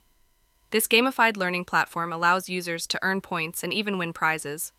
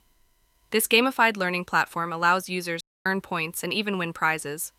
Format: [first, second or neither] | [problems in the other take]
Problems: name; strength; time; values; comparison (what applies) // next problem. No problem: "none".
first | audio cutting out; at 3 s